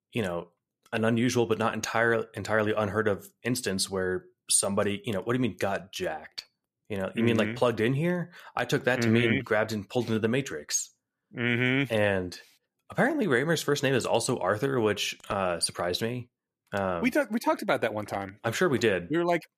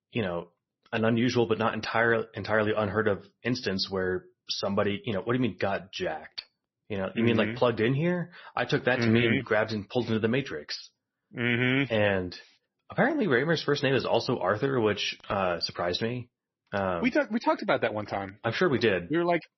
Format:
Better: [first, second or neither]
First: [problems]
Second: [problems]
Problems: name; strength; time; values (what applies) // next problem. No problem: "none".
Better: first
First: none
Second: garbled, watery; slightly; nothing above 6 kHz